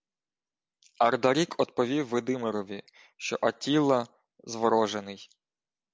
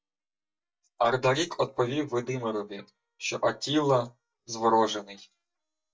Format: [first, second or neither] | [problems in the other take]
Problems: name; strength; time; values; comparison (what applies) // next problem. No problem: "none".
first | noise reduction (neural mask model DeepFilterNet 3)